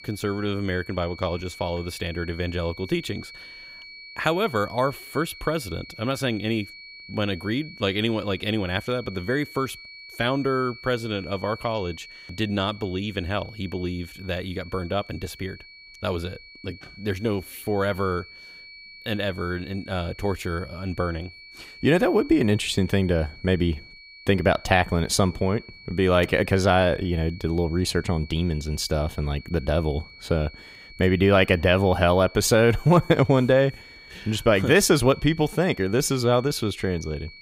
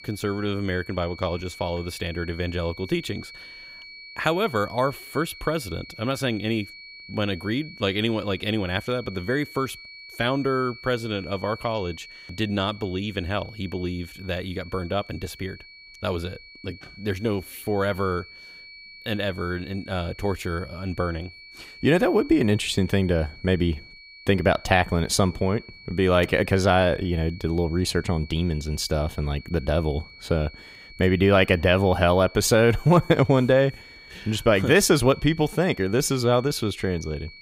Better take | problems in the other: neither | high-pitched whine; noticeable; throughout; 2.5 kHz, 20 dB below the speech; the same in both

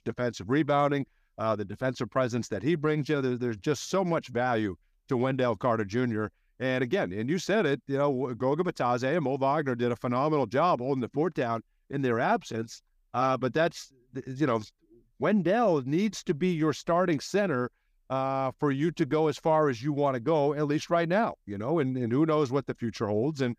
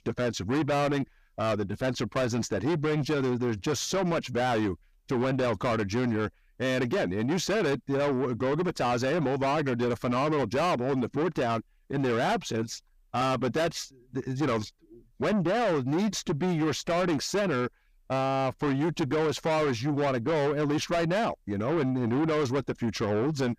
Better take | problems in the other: first | distortion; heavy; 7 dB below the speech

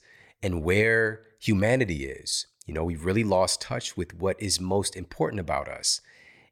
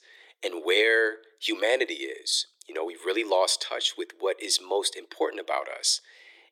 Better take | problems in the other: first | thin; very; fading below 350 Hz

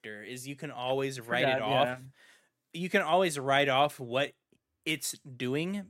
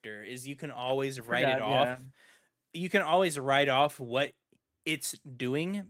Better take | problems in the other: first | garbled, watery; slightly; nothing above 16 kHz

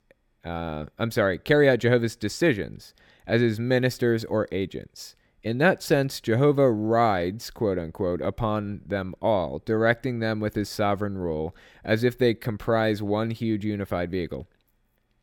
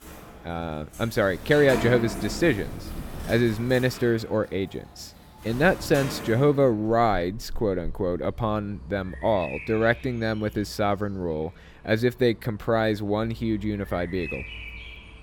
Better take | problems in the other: first | animal sounds; noticeable; throughout; 15 dB below the speech

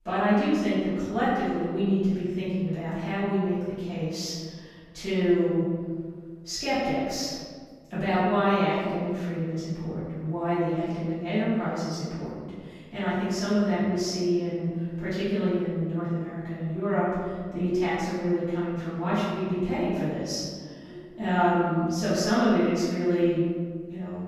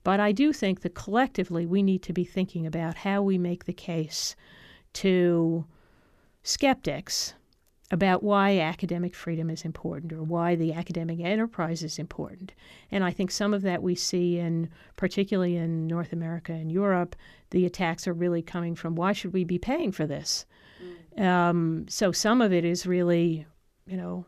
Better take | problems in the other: second | off-mic speech; far // room echo; strong; dies away in 1.6 s

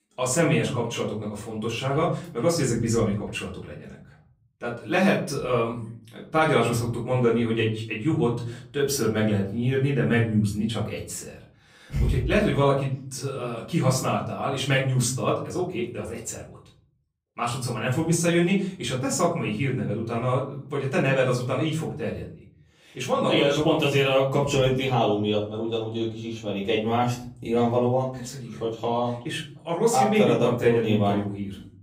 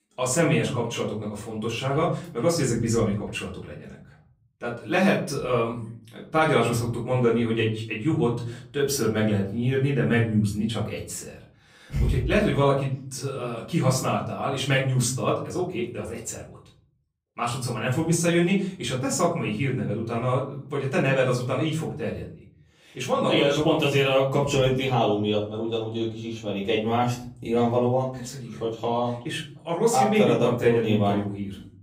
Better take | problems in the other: neither | off-mic speech; far; the same in both // room echo; slight; dies away in 0.7 s; the same in both

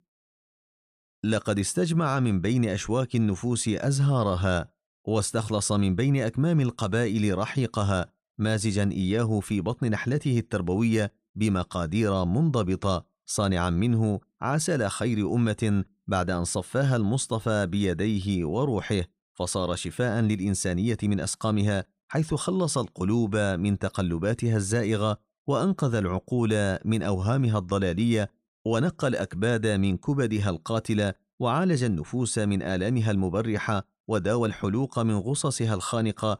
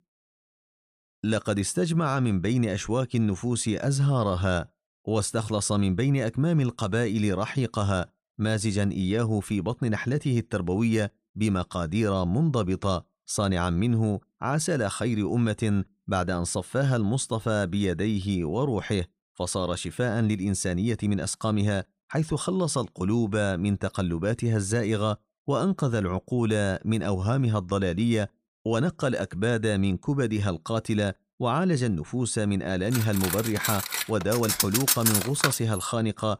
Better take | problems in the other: first | clattering dishes; loud; from 33 to 36 s; peak 5 dB above the speech

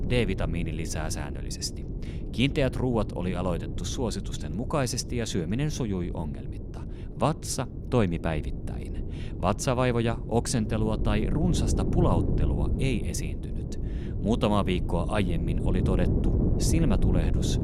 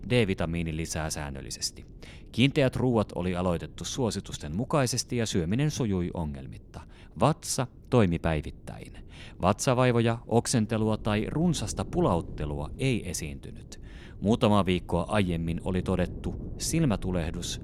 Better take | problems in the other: second | wind noise on the microphone; heavy; 9 dB below the speech; occasional gusts in the second

